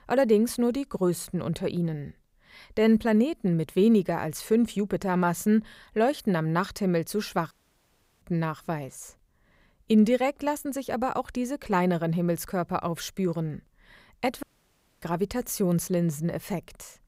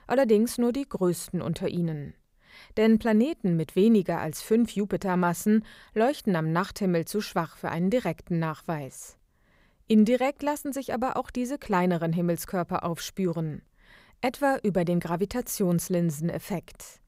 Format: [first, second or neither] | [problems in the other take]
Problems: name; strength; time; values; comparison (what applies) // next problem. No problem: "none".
second | audio cutting out; at 7.5 s for 0.5 s and at 14 s for 0.5 s